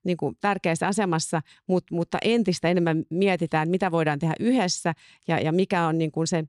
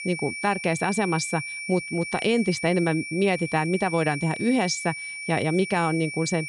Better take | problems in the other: first | high-pitched whine; loud; throughout; 2.5 kHz, 7 dB below the speech

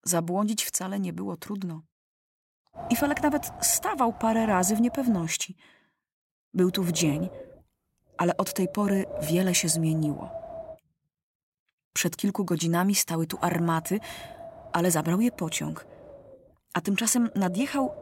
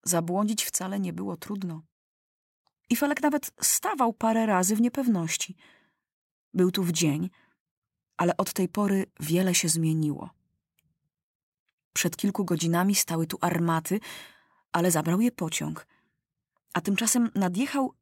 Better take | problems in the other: second | wind noise on the microphone; occasional gusts; from 3 to 5.5 s, from 6.5 to 11 s and from 13 s on; 10 dB below the speech

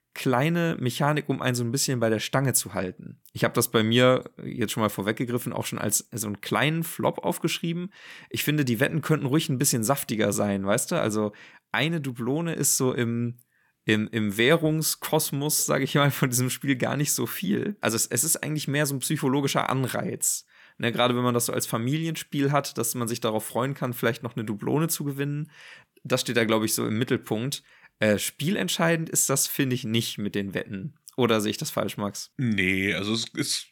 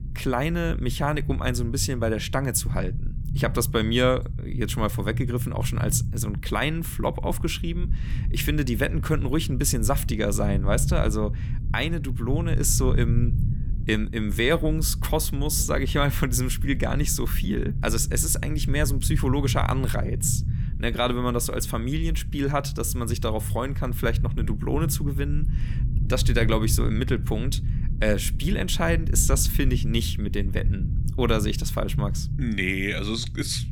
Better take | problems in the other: first | low rumble; noticeable; throughout; 15 dB below the speech

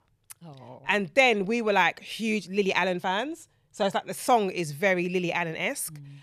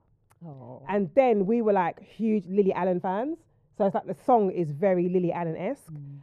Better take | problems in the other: first | muffled; very; fading above 1.5 kHz

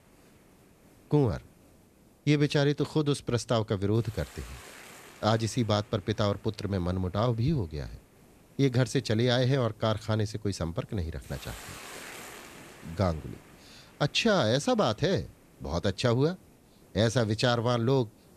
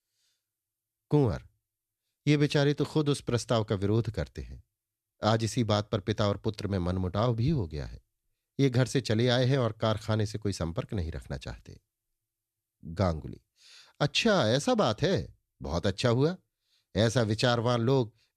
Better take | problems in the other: second | hiss; faint; throughout; 25 dB below the speech

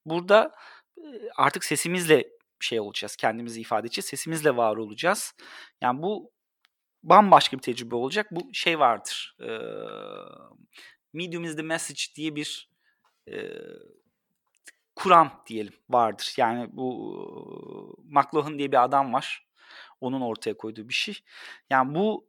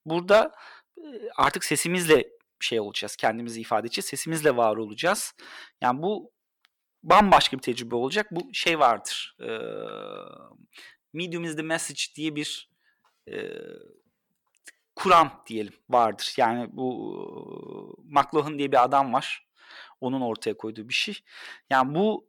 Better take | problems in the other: first | distortion; slight; 0.5% of the sound clipped

